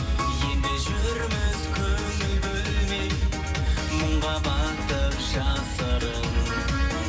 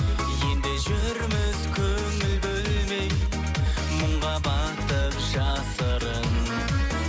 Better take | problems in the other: second | room echo; dies away in 2.5 s

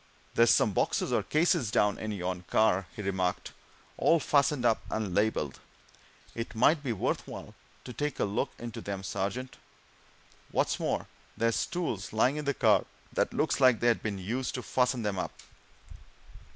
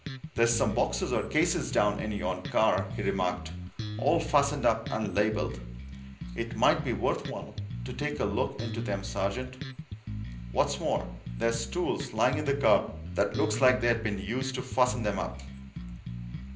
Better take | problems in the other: first | background sound (Bass guitar); 8 dB below the speech // room echo; dies away in 0.5 s

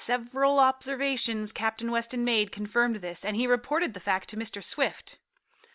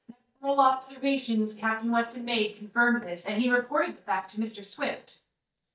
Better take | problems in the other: first | noise reduction (neural mask model DeepFilterNet 3)

